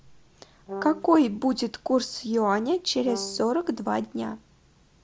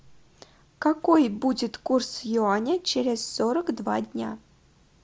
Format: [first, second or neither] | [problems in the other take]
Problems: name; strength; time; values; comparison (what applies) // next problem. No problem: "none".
second | background sound (Brass instrument); 11 dB below the speech